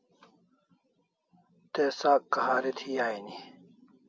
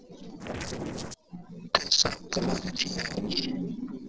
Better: first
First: none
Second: noise reduction (neural separator model SepFormer DNS4)

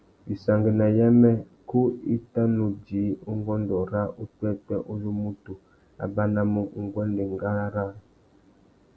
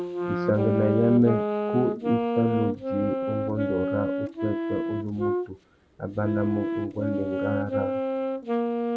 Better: first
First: none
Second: background sound (Wind instrument, woodwind instrument); as loud as the speech

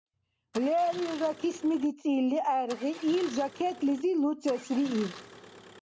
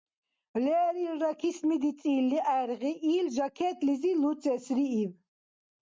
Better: second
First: background sound (Engine starting); 17 dB below the speech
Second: none

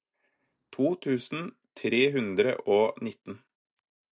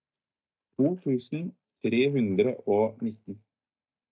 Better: first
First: none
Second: noise reduction (neural mask model DeepFilterNet 3)

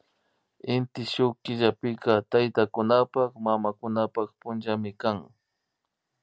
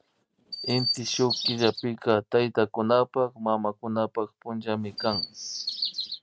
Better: first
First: none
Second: noise reduction (neural mask model RNNoise)

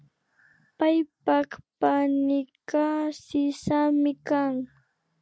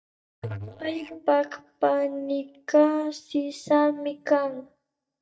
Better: first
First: none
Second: noise reduction (neural mask model DeepFilterNet 3)

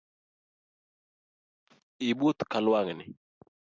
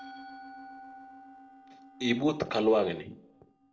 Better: first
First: none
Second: noise reduction (neural separator model SepFormer DNS4)

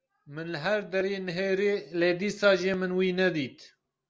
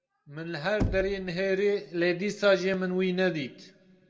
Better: first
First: none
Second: background sound (Knock / Wood); 9 dB below the speech // room echo; dies away in 1.6 s

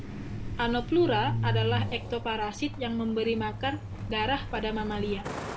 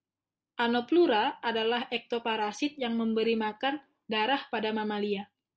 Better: second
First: background sound (Truck); 4 dB below the speech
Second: none

